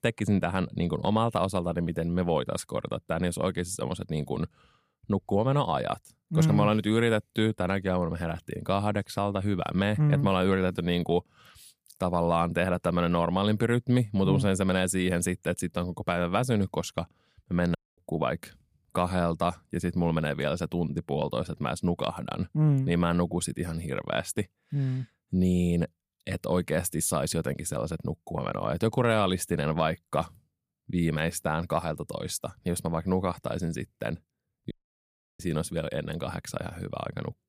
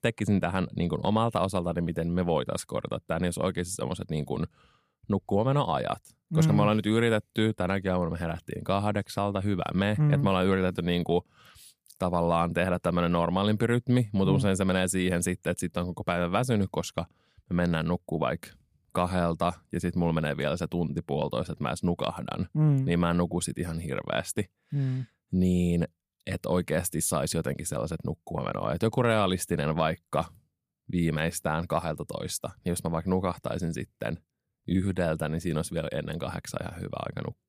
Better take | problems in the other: second | audio cutting out; at 18 s and at 35 s for 0.5 s

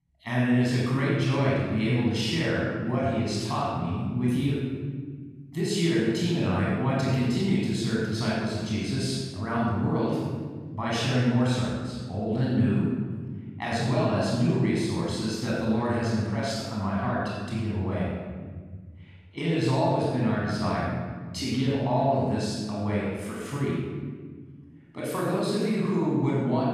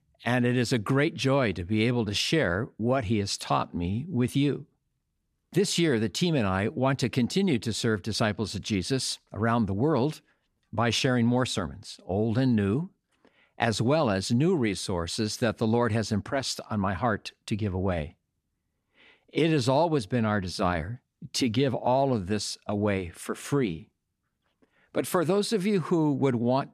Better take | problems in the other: second | off-mic speech; far // room echo; strong; dies away in 1.7 s

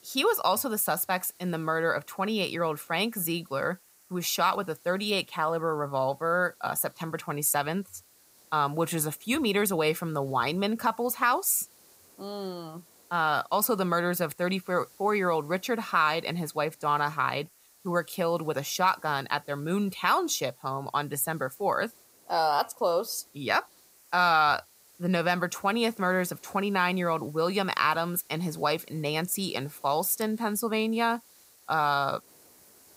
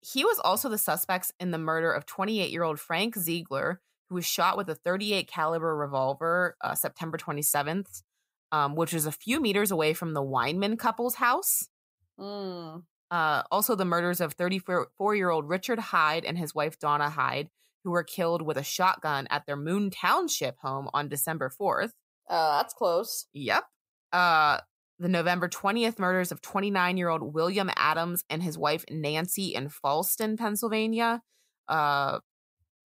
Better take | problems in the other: second | hiss; faint; throughout; 25 dB below the speech

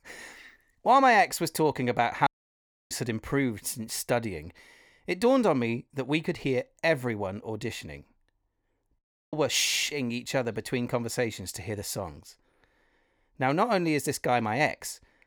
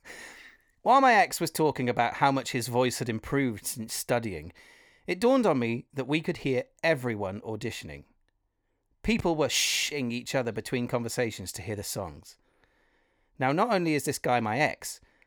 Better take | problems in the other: second | audio cutting out; at 2.5 s for 0.5 s and at 9 s

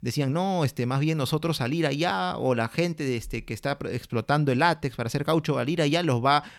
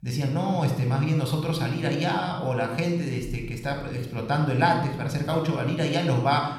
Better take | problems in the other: first | room echo; noticeable; dies away in 0.9 s // off-mic speech; somewhat distant

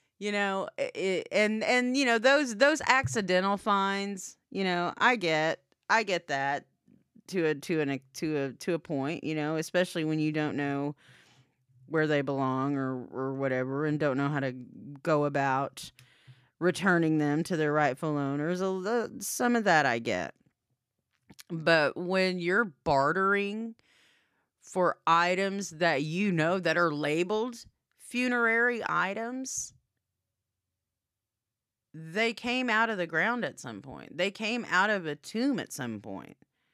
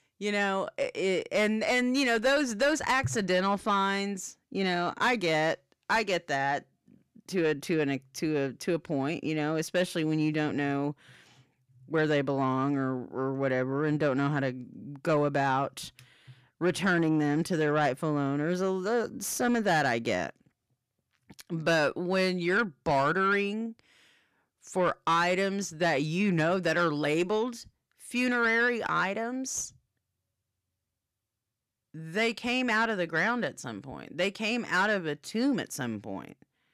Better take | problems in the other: first | distortion; slight; 10 dB below the speech

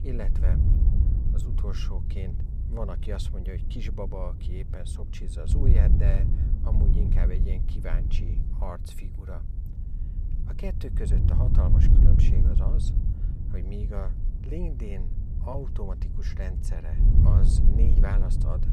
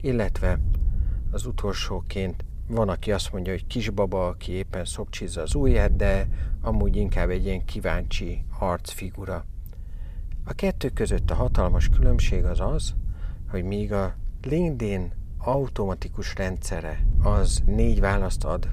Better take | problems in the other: second | wind noise on the microphone; heavy; 1 dB below the speech; occasional gusts in the second

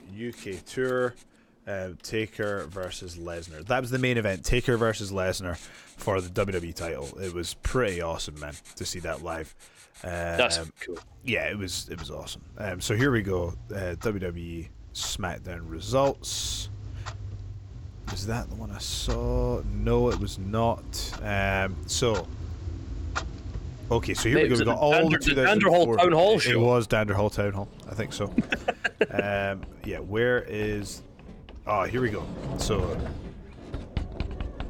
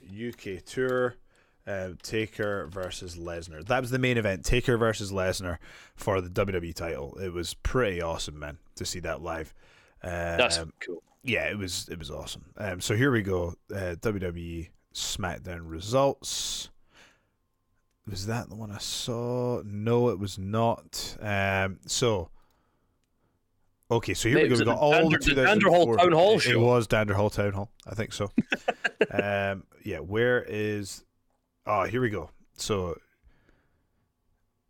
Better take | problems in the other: second | household noises; noticeable; throughout; 15 dB below the speech

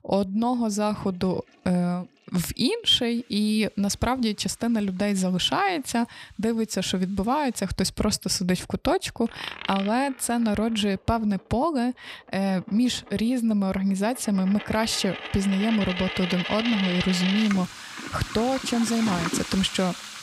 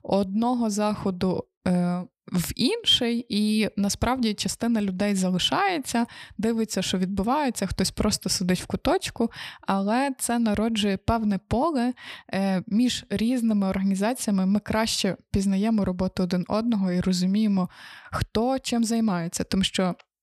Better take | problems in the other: second | household noises; loud; throughout; 7 dB below the speech

